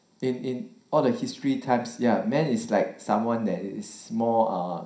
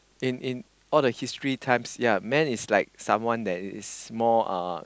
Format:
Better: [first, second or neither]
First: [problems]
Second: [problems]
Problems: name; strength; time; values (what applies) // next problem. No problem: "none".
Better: second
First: room echo; dies away in 0.5 s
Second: none